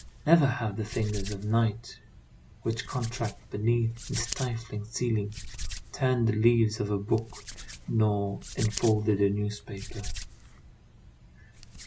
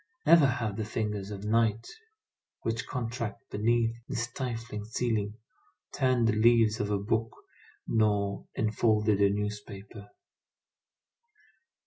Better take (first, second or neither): second